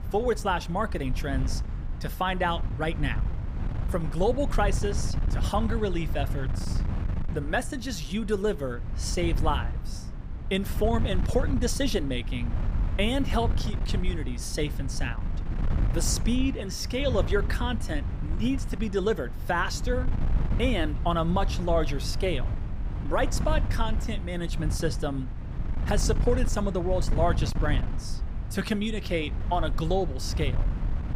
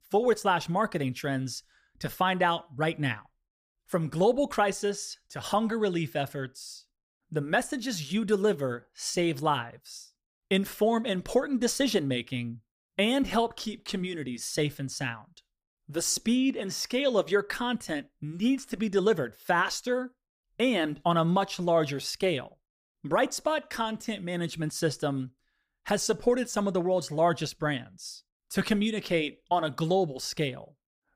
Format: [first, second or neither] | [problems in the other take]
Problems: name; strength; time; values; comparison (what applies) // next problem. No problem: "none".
second | wind noise on the microphone; occasional gusts; 15 dB below the speech